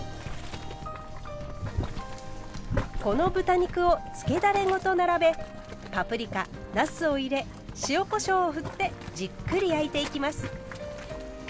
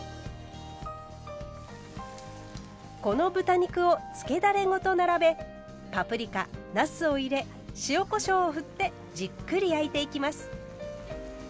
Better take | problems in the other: second | background sound (Boiling); 8 dB below the speech

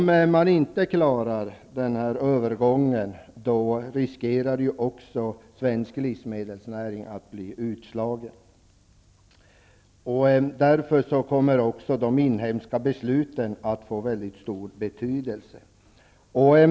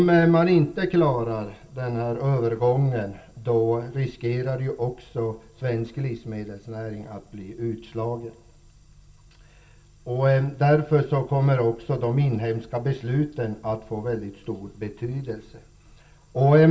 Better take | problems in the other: first | room echo; dies away in 0.2 s

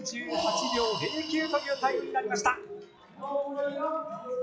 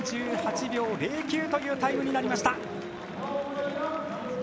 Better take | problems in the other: second | noise reduction (classical method log-MMSE)

